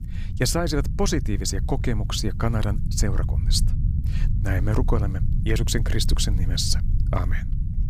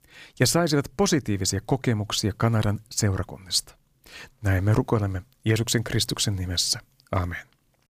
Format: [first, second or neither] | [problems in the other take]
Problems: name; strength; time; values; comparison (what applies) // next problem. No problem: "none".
second | low rumble; noticeable; throughout; 15 dB below the speech